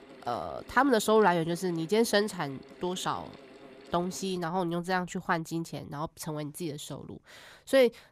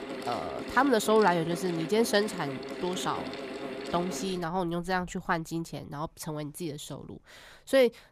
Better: first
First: machinery noise; faint; throughout; 20 dB below the speech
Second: machinery noise; loud; throughout; 9 dB below the speech

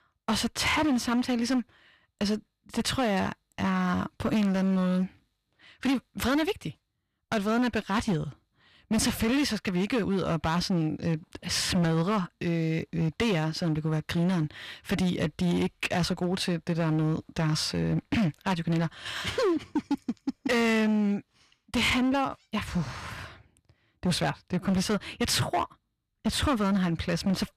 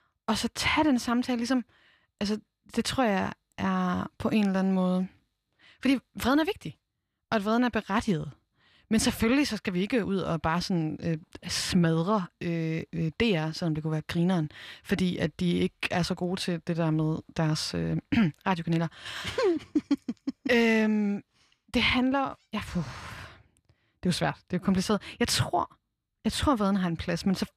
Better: second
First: distortion; slight; 13% of the sound clipped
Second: none

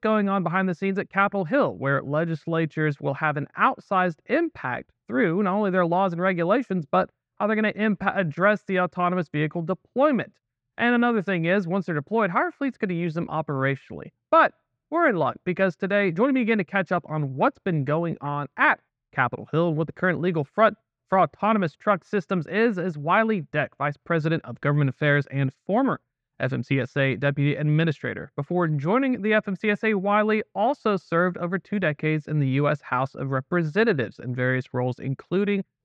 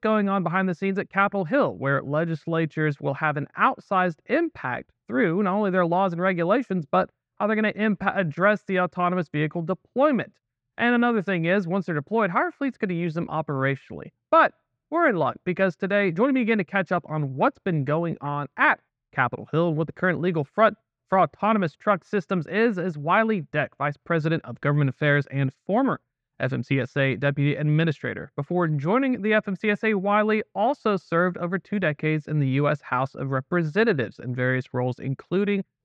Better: neither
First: muffled; slightly; fading above 2.5 kHz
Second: muffled; slightly; fading above 2.5 kHz

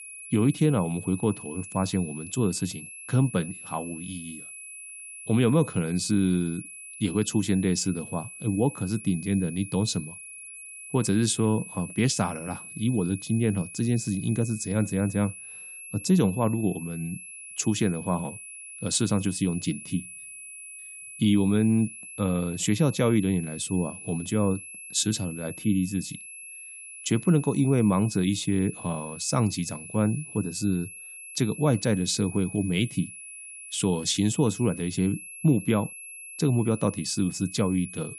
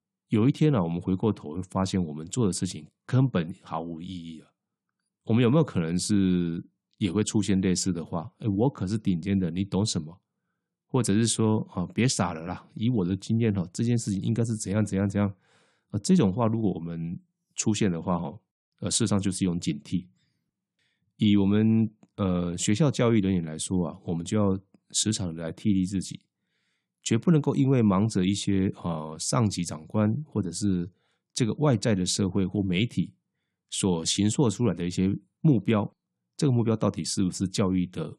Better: second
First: high-pitched whine; noticeable; throughout; 11 kHz, 15 dB below the speech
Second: none

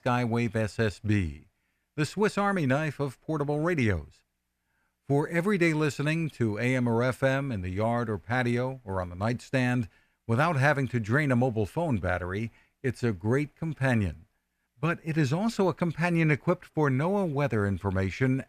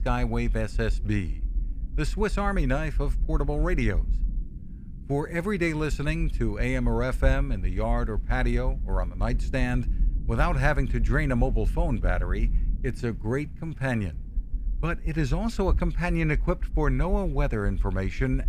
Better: first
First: none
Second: low rumble; faint; throughout; 20 dB below the speech

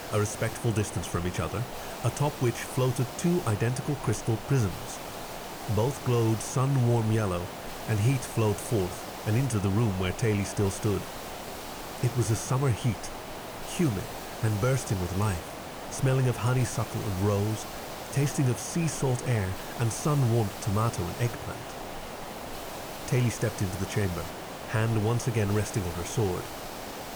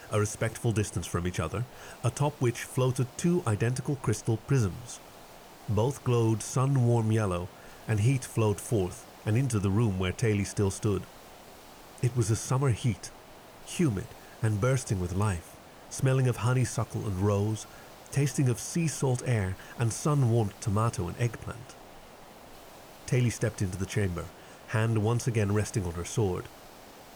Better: second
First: hiss; loud; throughout; 9 dB below the speech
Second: hiss; faint; throughout; 20 dB below the speech

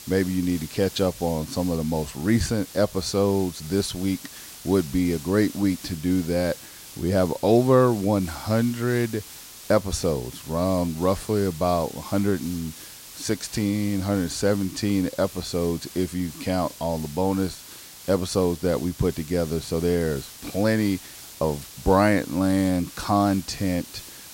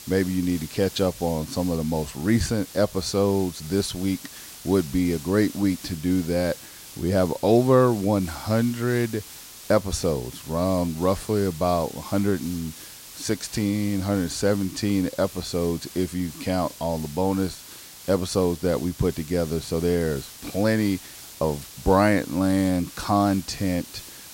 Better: neither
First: hiss; noticeable; throughout; 15 dB below the speech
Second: hiss; noticeable; throughout; 15 dB below the speech

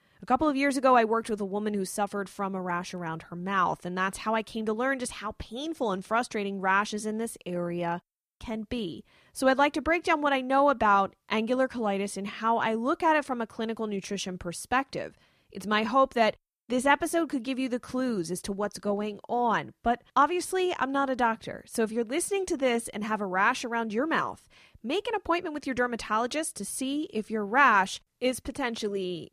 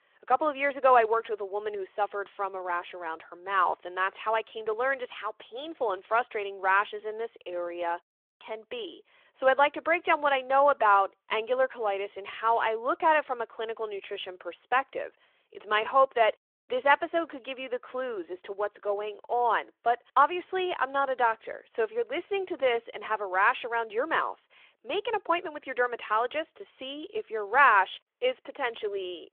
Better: first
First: none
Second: phone-call audio

